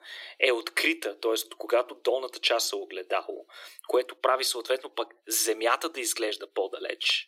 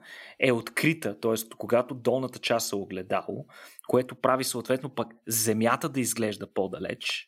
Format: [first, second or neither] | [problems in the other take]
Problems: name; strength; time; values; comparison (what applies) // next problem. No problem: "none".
second | thin; very; fading below 350 Hz